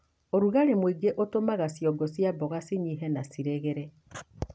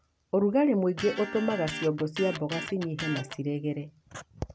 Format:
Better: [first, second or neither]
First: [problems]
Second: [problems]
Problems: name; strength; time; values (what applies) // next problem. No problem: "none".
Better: first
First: none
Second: background sound (Electric guitar); 10 dB below the speech